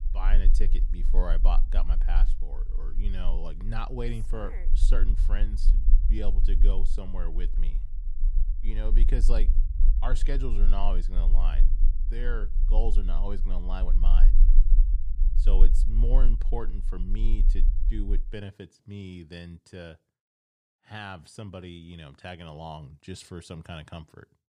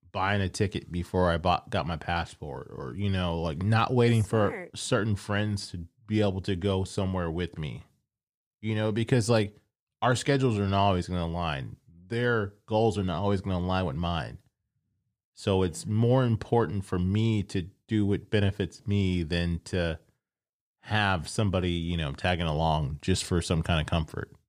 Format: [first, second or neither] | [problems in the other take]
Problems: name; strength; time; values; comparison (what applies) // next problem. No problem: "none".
second | low rumble; noticeable; until 18 s; 10 dB below the speech